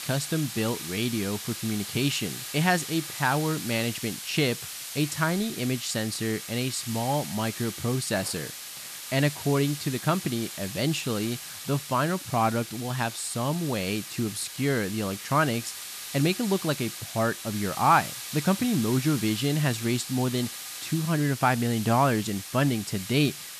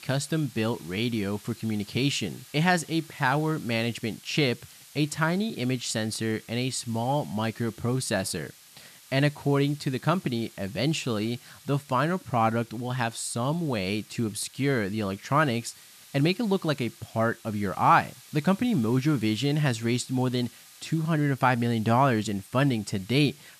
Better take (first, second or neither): second